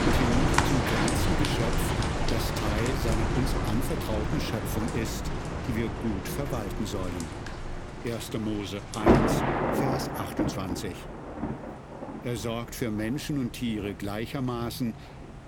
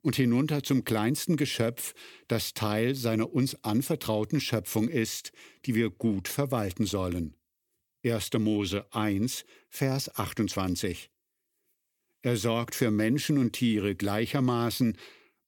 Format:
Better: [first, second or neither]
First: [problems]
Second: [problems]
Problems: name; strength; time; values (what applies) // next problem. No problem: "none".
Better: second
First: rain or running water; very loud; throughout; 3 dB above the speech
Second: none